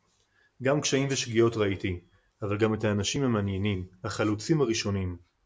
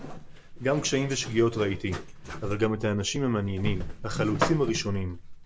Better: first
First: none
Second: background sound (Zipper (clothing)); 6 dB below the speech

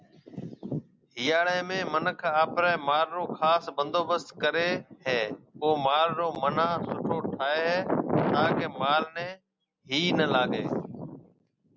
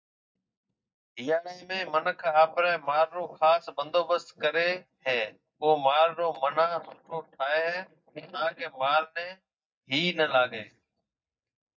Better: first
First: none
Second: noise reduction (neural mask model DeepFilterNet 3)

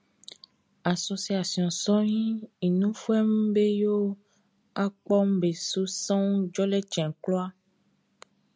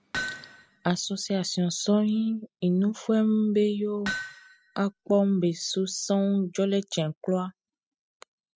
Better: first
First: none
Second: noise reduction (classical method spectral subtraction)

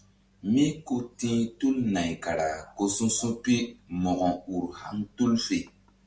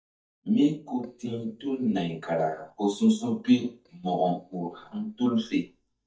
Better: first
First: none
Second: noise reduction (neural mask model DeepFilterNet 3)

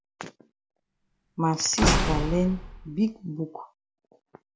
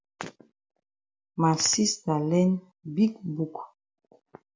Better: second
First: background sound (Slam / Wood); 1 dB above the speech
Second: none

